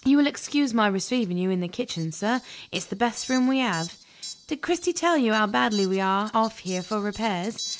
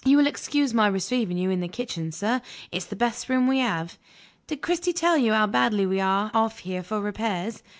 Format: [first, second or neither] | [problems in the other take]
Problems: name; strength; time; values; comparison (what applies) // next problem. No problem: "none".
second | background sound (Fowl); 17 dB below the speech